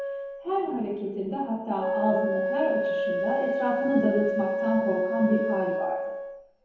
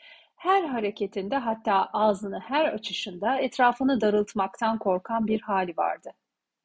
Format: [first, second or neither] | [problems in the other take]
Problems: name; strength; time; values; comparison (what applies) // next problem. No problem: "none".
second | background sound (Wind instrument, woodwind instrument); 1 dB below the speech // room echo; dies away in 1 s